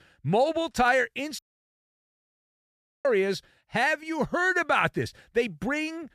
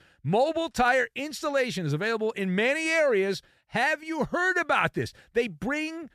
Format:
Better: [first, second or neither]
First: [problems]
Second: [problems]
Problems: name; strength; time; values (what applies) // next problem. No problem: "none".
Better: second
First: audio cutting out; at 1.5 s for 1.5 s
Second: none